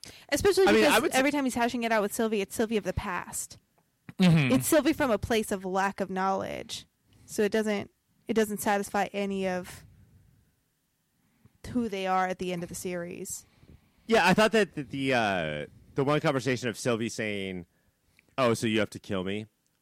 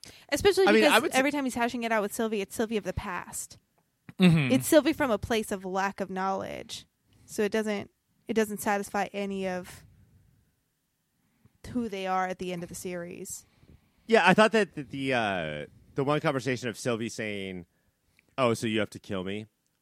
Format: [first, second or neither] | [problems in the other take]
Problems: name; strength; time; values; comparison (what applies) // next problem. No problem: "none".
second | distortion; slight; 3% of the sound clipped